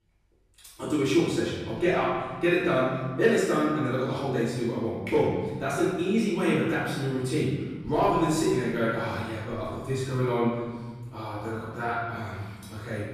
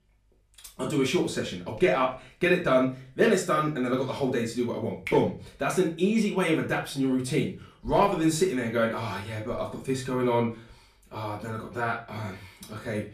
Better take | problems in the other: second | room echo; strong; dies away in 1.5 s; slight in the second // off-mic speech; far; far in the second

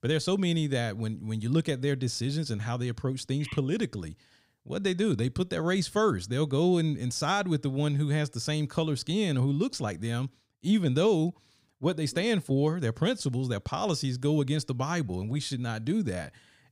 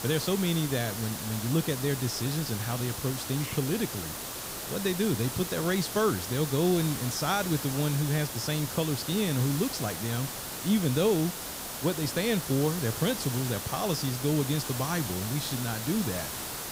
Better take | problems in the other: first | hiss; loud; throughout; 5 dB below the speech

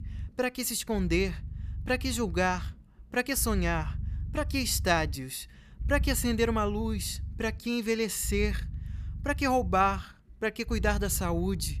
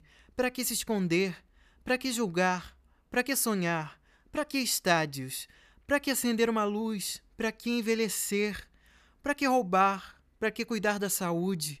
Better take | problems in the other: second | low rumble; faint; throughout; 25 dB below the speech

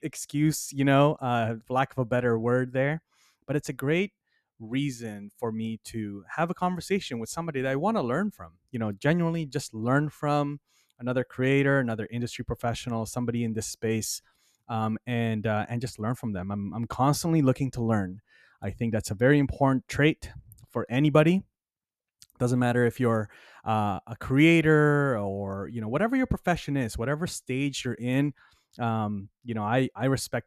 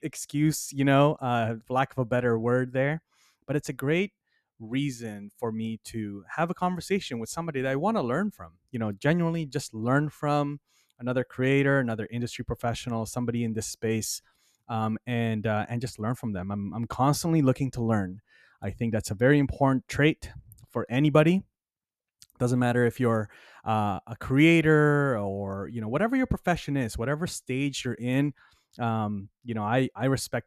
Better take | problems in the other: neither | none

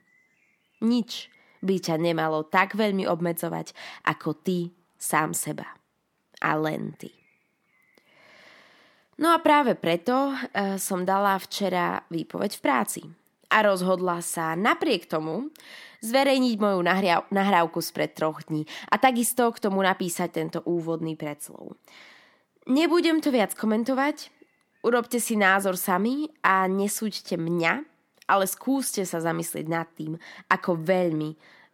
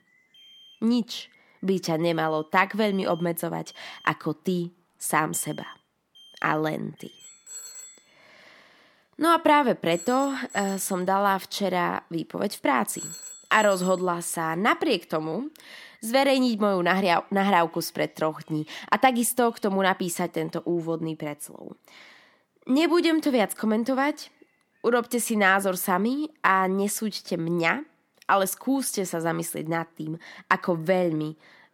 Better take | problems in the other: first | alarms or sirens; noticeable; until 20 s; 20 dB below the speech

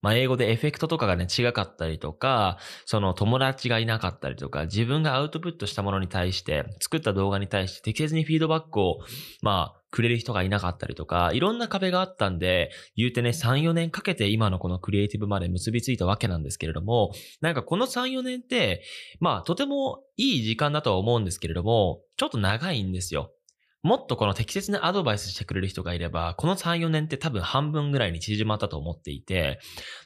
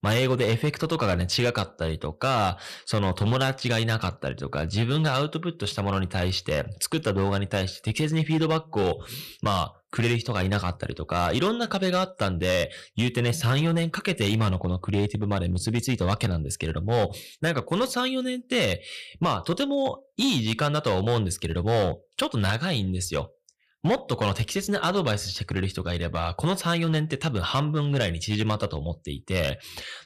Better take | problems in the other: first | distortion; slight; 6% of the sound clipped

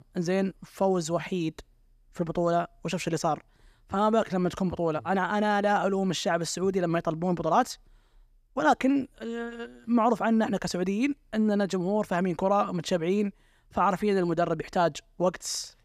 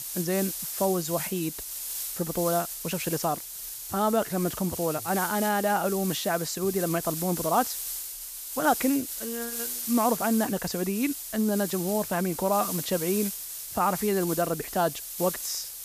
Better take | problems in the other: first | hiss; loud; throughout; 5 dB below the speech

